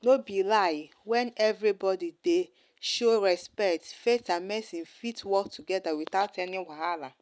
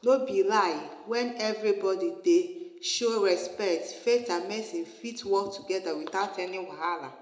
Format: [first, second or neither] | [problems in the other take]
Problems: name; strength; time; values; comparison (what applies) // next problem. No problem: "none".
first | room echo; dies away in 0.6 s